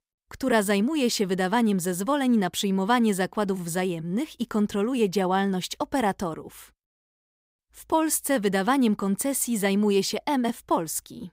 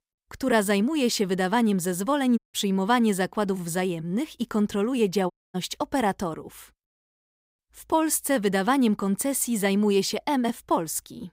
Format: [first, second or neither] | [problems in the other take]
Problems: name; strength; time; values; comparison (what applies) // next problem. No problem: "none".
first | audio cutting out; at 2.5 s and at 5.5 s